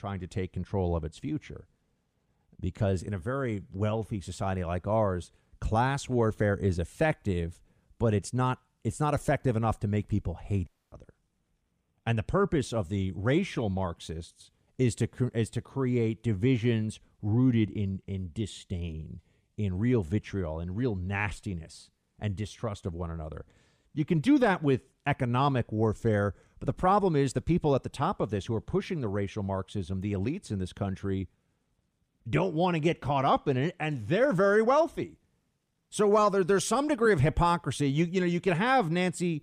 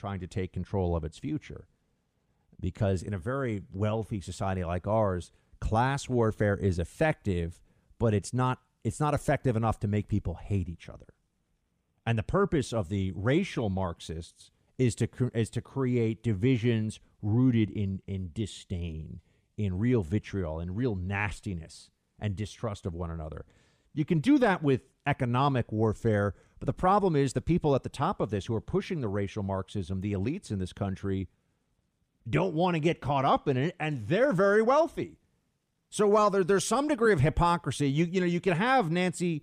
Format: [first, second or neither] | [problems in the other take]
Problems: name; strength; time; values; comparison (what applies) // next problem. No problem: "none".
second | audio cutting out; at 11 s